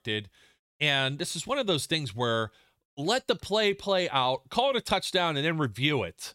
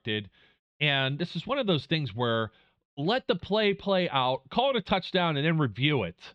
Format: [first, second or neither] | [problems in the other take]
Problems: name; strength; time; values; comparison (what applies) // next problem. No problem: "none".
first | muffled; slightly; fading above 3.5 kHz